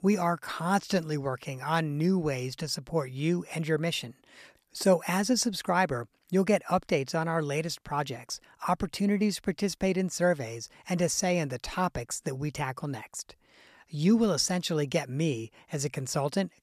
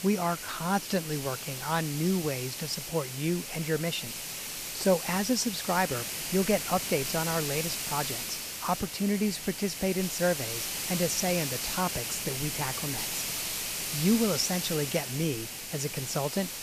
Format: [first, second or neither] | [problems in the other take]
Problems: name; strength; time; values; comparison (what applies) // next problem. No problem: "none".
first | hiss; loud; throughout; 3 dB below the speech